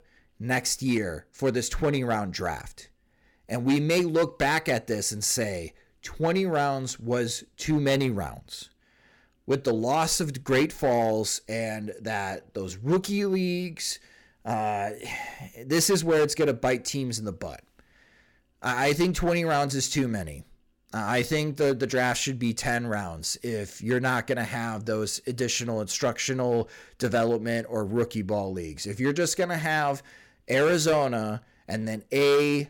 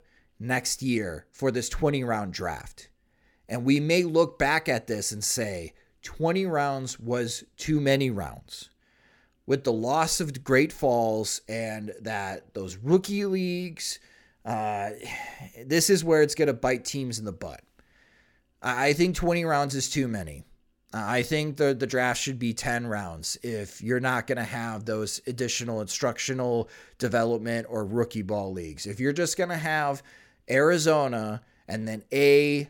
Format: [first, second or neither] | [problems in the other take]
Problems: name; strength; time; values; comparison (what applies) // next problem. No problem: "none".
second | distortion; slight; 4% of the sound clipped